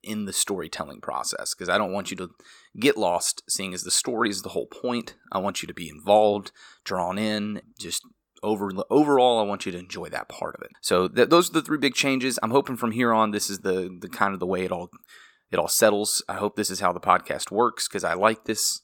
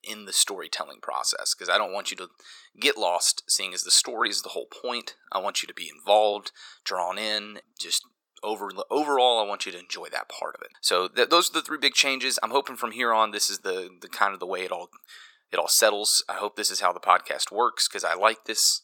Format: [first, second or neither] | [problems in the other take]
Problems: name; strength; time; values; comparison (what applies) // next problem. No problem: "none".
first | thin; somewhat; fading below 550 Hz